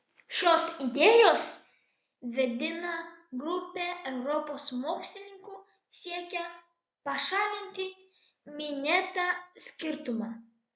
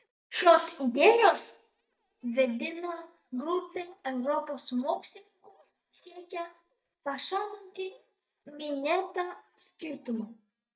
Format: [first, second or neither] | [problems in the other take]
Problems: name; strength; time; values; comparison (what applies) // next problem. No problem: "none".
first | noise reduction (neural mask model DeepFilterNet 3)